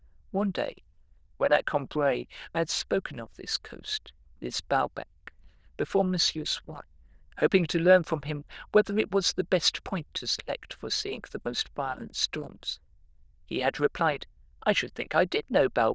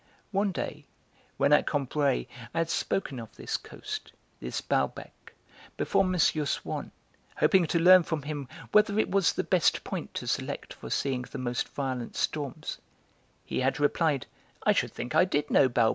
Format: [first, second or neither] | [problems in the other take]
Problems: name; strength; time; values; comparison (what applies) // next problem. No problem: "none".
second | noise reduction (neural diffusion model UNIVERSE++)